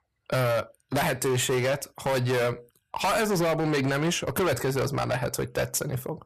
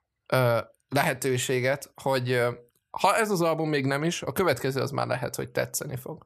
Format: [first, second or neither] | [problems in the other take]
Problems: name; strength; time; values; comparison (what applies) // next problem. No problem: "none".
second | distortion; heavy; 19% of the sound clipped